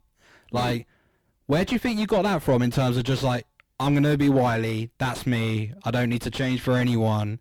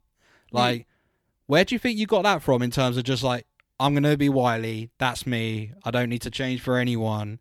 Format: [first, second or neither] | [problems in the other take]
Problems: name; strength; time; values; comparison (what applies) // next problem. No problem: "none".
second | distortion; heavy; 6 dB below the speech